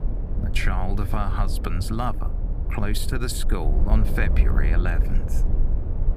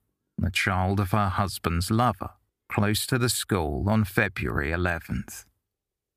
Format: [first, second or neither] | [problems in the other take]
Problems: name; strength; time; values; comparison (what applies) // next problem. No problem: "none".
second | low rumble; loud; throughout; 10 dB below the speech